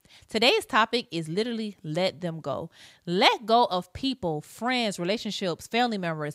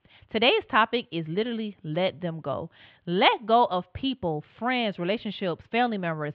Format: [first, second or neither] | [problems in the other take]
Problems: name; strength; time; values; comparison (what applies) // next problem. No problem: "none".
first | muffled; very; fading above 3 kHz